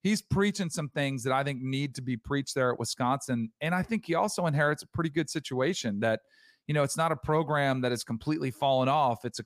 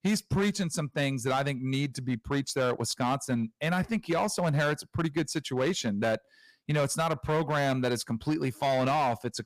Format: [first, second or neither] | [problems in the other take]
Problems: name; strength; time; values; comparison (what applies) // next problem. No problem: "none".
first | distortion; slight; 10% of the sound clipped